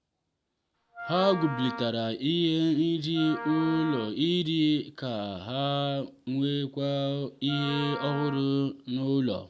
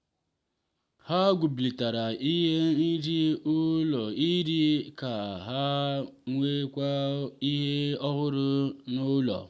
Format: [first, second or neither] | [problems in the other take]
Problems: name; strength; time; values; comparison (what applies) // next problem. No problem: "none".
second | background sound (Wind instrument, woodwind instrument); 11 dB below the speech